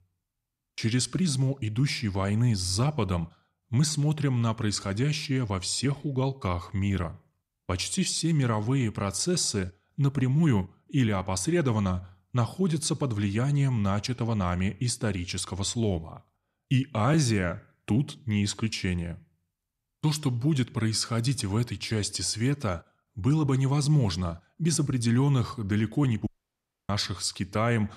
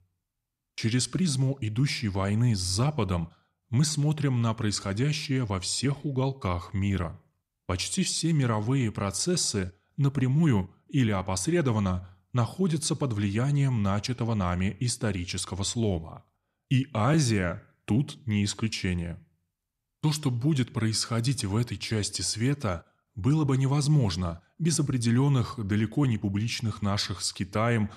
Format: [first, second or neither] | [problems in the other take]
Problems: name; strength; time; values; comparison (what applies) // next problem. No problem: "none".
second | audio cutting out; at 26 s for 0.5 s